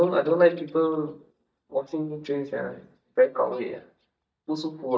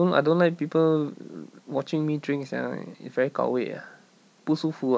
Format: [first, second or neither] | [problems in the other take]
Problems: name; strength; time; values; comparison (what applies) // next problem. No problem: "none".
second | noise reduction (neural mask model DeepFilterNet 3)